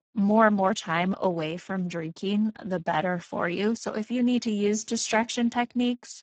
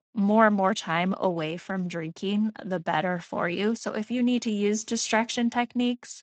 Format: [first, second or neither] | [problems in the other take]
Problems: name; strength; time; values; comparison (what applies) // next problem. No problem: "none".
second | garbled, watery; badly; nothing above 7.5 kHz; slightly in the second